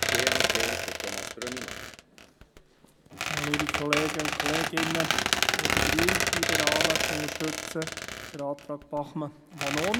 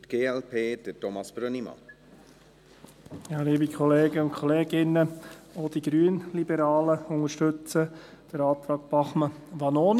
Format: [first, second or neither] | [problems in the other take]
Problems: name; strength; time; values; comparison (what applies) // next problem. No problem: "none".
second | background sound (Squeak); 5 dB above the speech